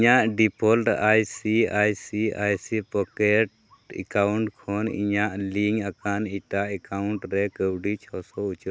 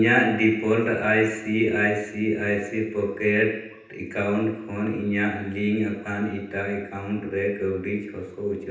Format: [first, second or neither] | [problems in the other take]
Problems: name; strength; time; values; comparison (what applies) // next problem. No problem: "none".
first | room echo; dies away in 0.9 s